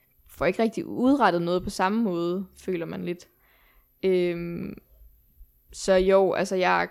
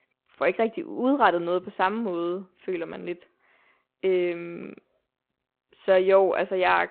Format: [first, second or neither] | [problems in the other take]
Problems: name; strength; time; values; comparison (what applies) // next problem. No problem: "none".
first | phone-call audio; nothing above 4 kHz